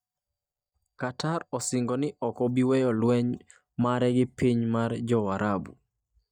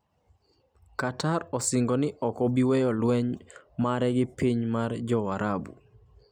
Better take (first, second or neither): second